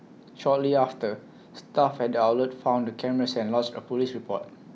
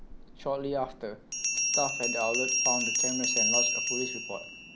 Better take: first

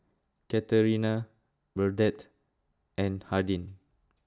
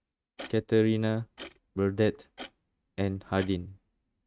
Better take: first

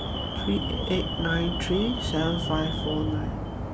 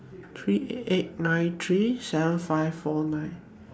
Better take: second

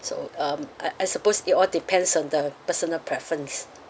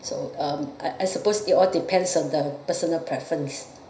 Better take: first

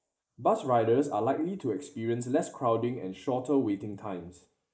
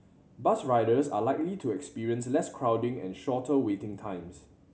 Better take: second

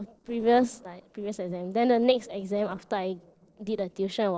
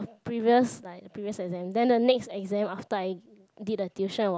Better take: second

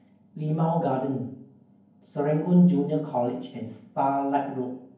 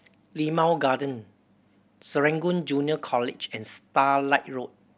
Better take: second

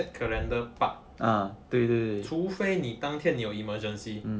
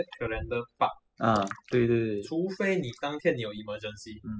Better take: first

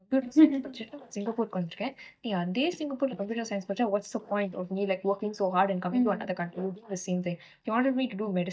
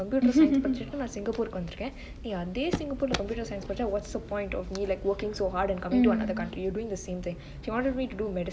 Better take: second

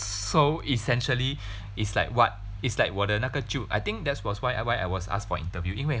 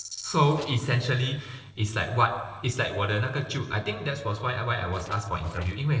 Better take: first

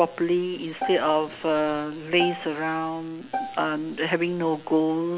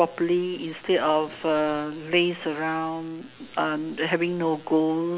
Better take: second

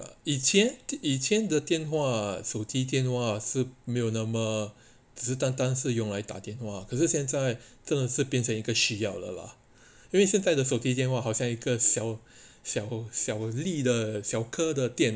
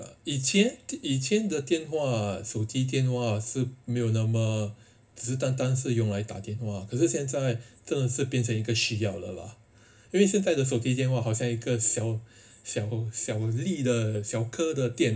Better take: first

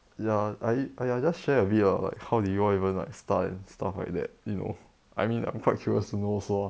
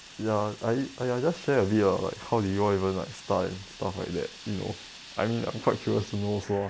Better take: first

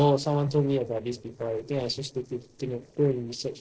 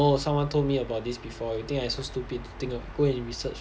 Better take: second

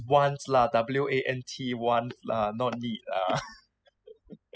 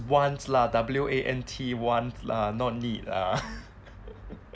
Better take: second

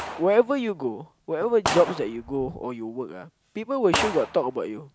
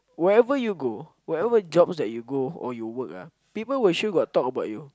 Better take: second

